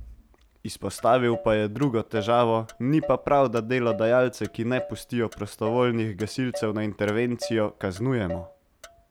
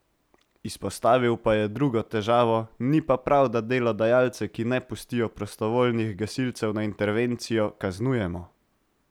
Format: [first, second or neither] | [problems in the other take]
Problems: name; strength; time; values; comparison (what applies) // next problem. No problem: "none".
second | background sound (Motor vehicle (road)); 16 dB below the speech